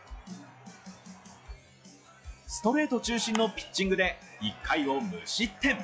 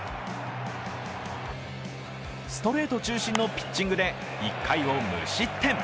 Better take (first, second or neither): second